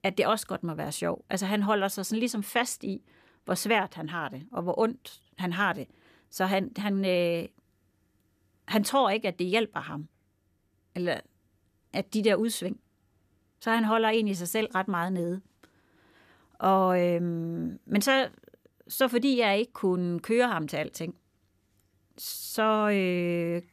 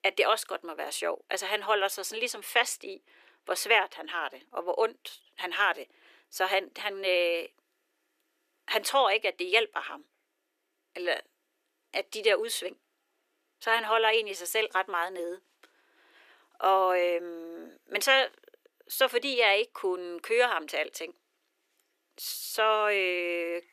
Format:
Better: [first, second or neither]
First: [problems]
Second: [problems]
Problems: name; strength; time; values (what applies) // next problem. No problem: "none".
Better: first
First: none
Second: thin; very; fading below 350 Hz